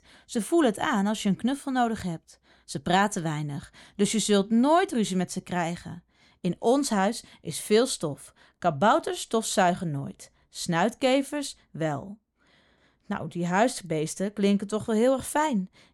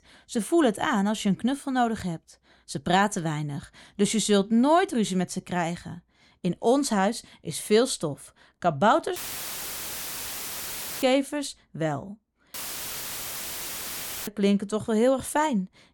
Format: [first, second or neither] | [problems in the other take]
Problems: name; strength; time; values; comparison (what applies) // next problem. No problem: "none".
first | audio cutting out; filled with static; at 9 s for 2 s and at 13 s for 1.5 s